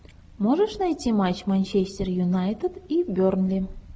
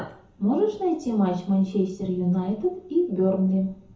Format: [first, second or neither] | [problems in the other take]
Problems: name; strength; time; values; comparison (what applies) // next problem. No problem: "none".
first | room echo; dies away in 0.6 s